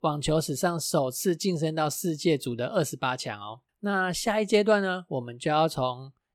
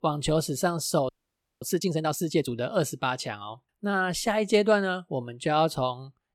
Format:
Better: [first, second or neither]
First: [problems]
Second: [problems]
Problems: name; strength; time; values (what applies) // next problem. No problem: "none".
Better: first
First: none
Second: audio freezing; at 1 s for 0.5 s